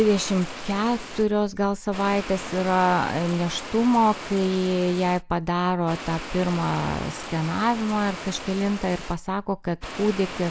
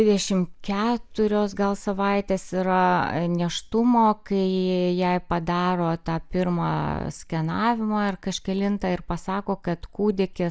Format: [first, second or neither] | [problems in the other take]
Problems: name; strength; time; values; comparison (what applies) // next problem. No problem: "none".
second | background sound (Water); 13 dB below the speech